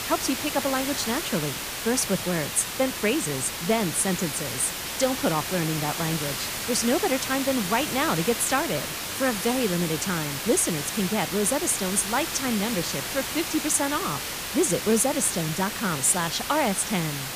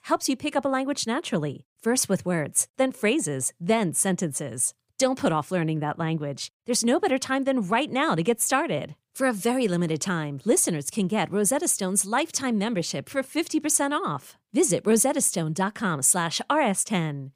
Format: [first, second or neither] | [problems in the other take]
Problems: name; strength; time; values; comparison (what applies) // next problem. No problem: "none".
second | hiss; loud; throughout; 4 dB below the speech